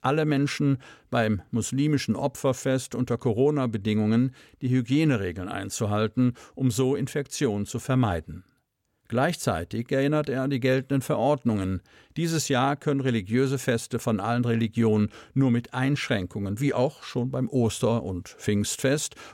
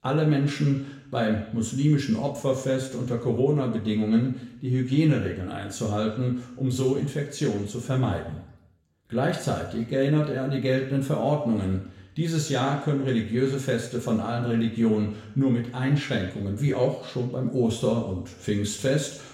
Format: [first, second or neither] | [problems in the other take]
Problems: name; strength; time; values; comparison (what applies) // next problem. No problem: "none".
first | room echo; slight; dies away in 0.8 s // off-mic speech; far